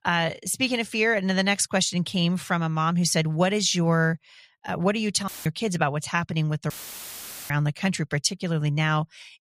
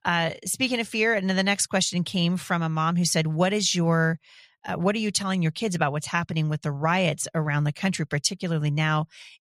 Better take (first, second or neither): second